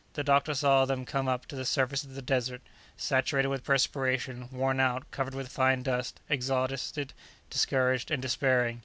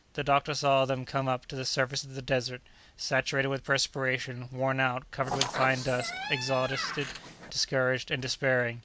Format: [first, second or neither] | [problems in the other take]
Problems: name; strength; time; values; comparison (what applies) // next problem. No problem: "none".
first | background sound (Squeak); 6 dB below the speech